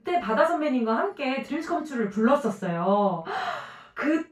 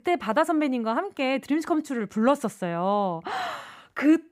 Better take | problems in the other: second | room echo; noticeable; dies away in 0.2 s // off-mic speech; far

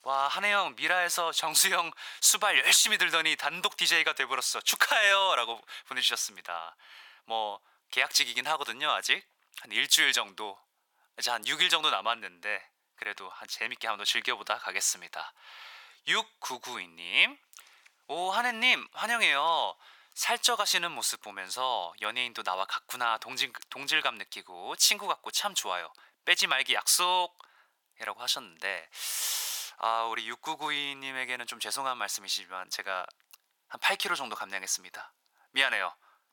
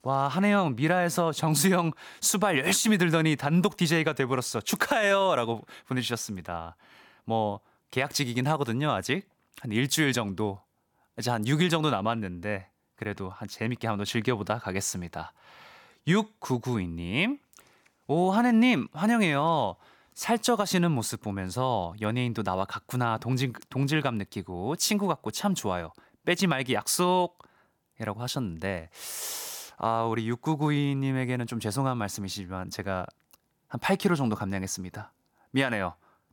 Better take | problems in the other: second | thin; very; fading below 1 kHz

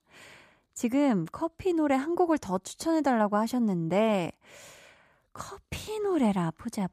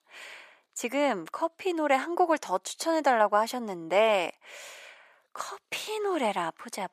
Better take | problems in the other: first | thin; somewhat; fading below 550 Hz

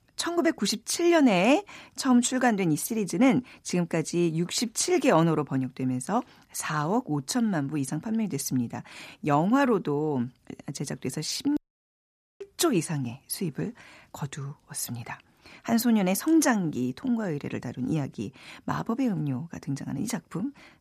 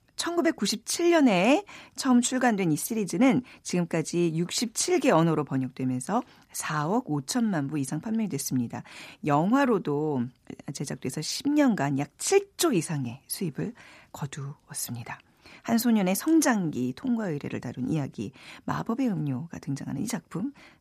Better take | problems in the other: second | audio cutting out; at 12 s for 1 s

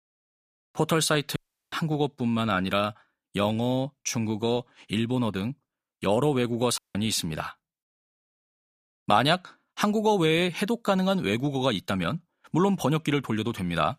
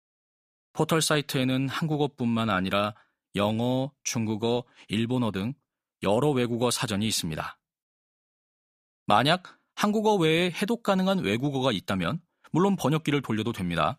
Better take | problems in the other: second | audio cutting out; at 1.5 s and at 7 s

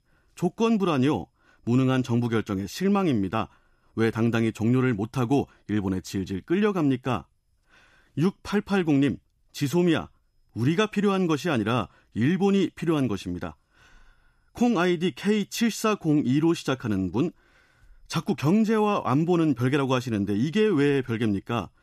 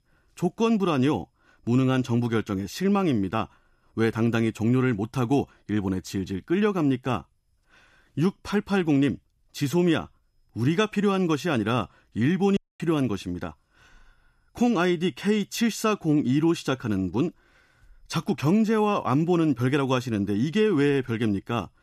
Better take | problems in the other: first | audio cutting out; at 13 s

